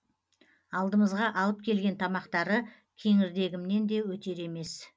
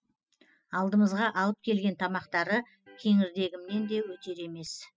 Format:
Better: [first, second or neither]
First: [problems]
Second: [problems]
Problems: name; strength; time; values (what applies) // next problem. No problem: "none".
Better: first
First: none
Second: noise reduction (classical method spectral subtraction)